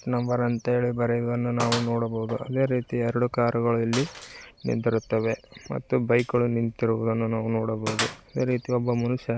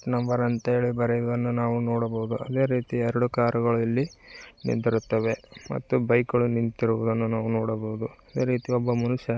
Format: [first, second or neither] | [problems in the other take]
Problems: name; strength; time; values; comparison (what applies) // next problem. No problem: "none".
second | background sound (Gunshot, gunfire); 14 dB below the speech